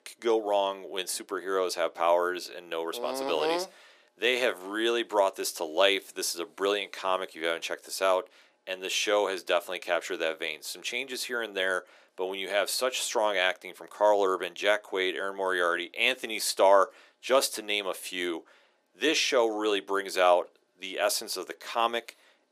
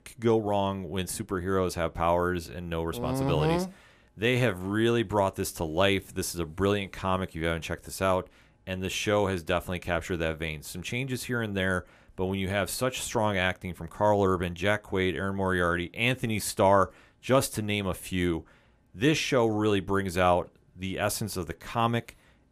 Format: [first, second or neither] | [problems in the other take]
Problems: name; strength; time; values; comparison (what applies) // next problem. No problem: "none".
second | thin; very; fading below 350 Hz